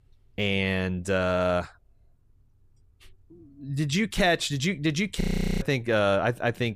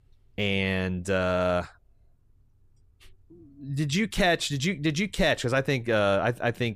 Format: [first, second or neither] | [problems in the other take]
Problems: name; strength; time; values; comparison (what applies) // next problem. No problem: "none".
second | audio freezing; at 5 s